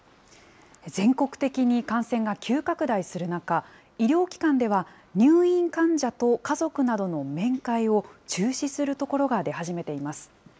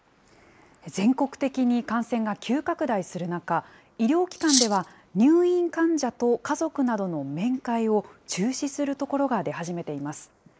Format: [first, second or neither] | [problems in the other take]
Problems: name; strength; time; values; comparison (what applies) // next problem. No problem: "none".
first | noise reduction (neural mask model Resemble Enhance denoiser)